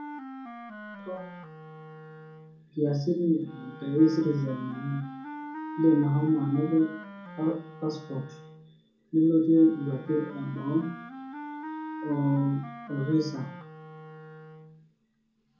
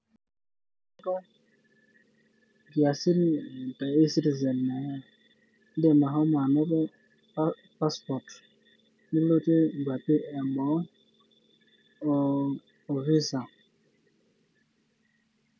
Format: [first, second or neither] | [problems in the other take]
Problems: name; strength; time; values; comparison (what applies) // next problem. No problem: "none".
second | background sound (Wind instrument, woodwind instrument); 14 dB below the speech // room echo; dies away in 0.6 s